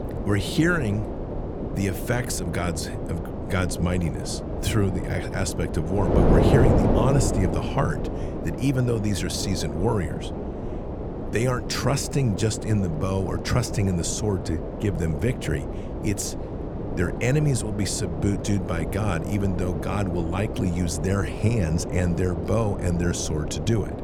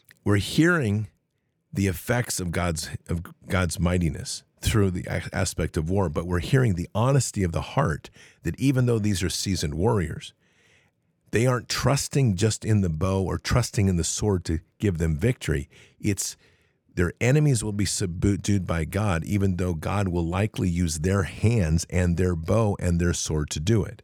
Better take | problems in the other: second | wind noise on the microphone; heavy; 3 dB below the speech

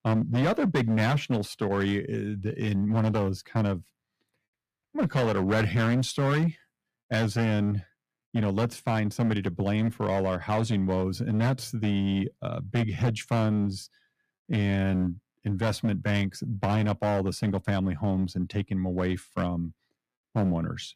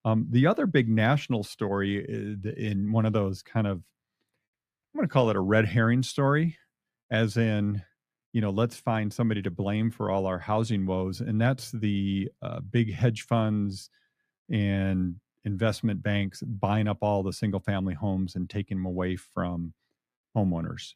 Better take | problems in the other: second | distortion; slight; 9% of the sound clipped

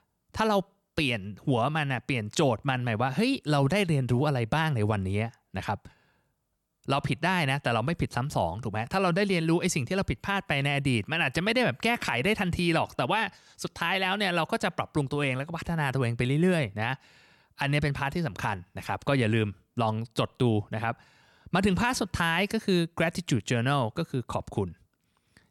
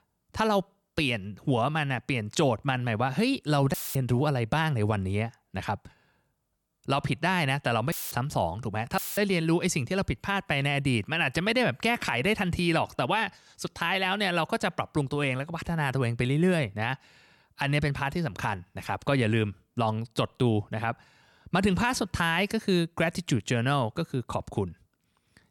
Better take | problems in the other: first | audio cutting out; filled with static; at 3.5 s, at 8 s and at 9 s

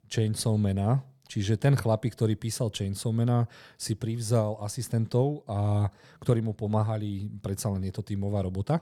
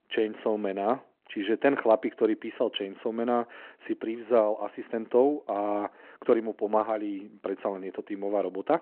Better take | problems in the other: first | phone-call audio

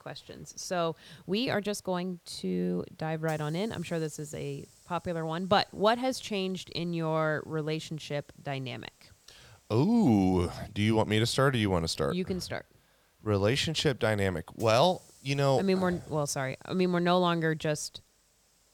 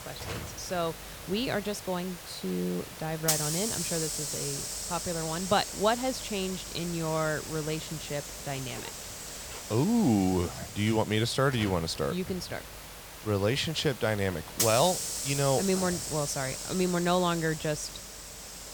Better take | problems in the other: first | hiss; loud; throughout; 5 dB below the speech; faint in the first

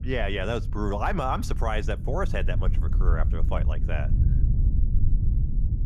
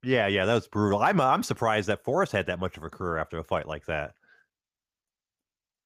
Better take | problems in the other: second | low rumble; noticeable; throughout; 15 dB below the speech

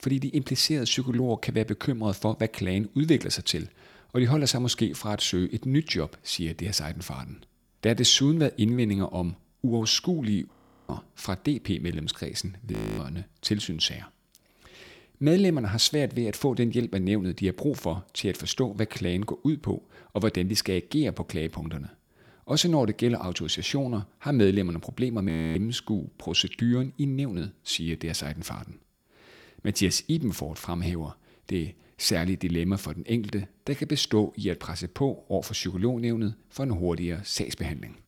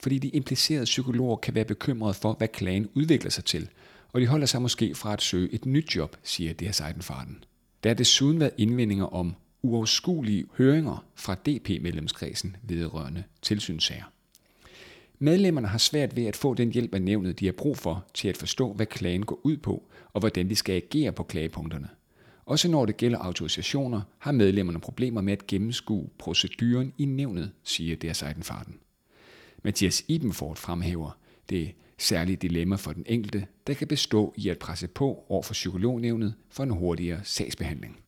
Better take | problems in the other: second | audio freezing; at 11 s, at 13 s and at 25 s

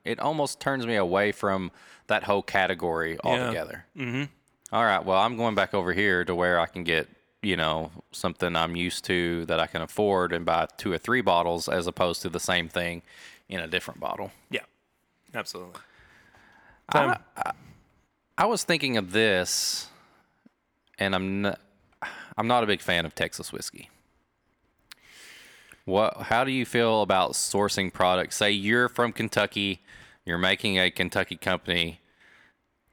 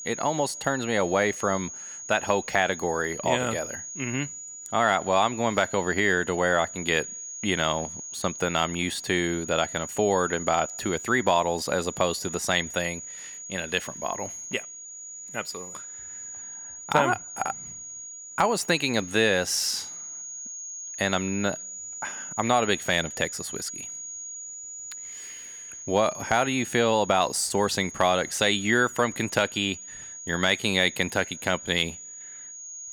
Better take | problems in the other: first | high-pitched whine; noticeable; throughout; 6.5 kHz, 10 dB below the speech

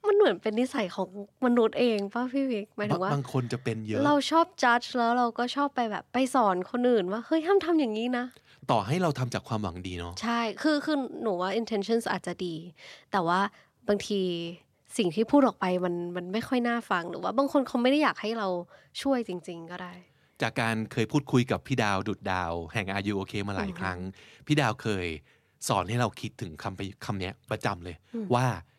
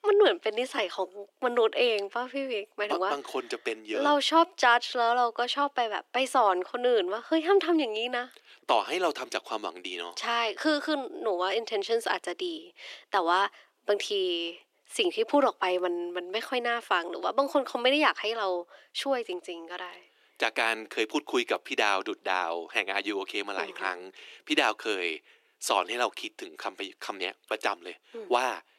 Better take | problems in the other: first | thin; somewhat; fading below 350 Hz

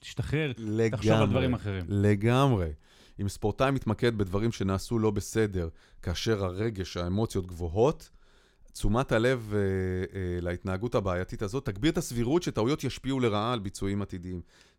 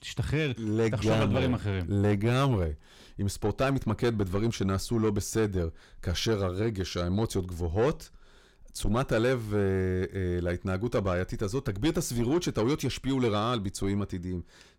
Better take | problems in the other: first | distortion; slight; 10 dB below the speech

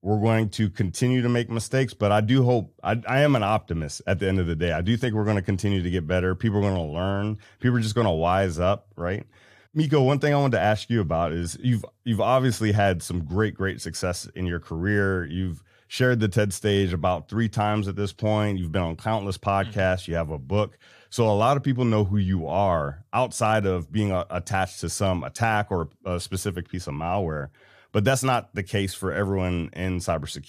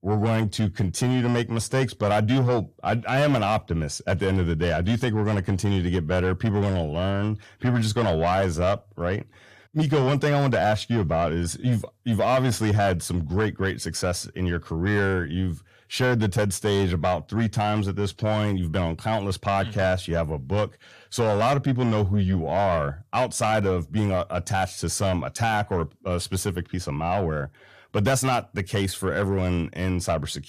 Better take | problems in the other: first | distortion; slight; 10 dB below the speech

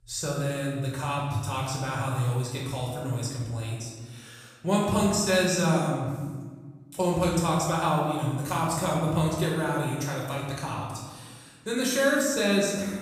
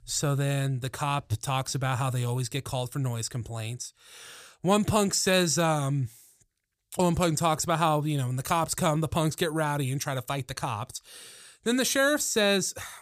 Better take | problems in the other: second | room echo; noticeable; dies away in 1.3 s // off-mic speech; far

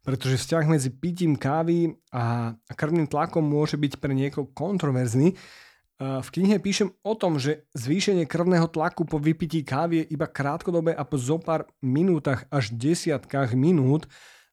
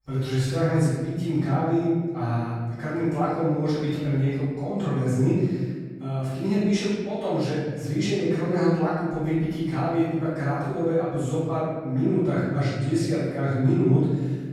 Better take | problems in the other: first | off-mic speech; far // room echo; strong; dies away in 1.5 s

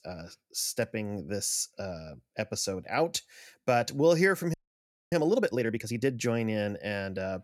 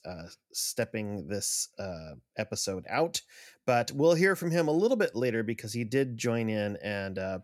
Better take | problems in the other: second | audio freezing; at 4.5 s for 0.5 s

